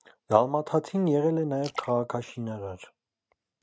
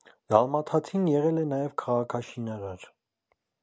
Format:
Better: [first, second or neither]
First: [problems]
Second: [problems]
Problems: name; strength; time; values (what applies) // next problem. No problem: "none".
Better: second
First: noise reduction (neural mask model RNNoise)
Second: none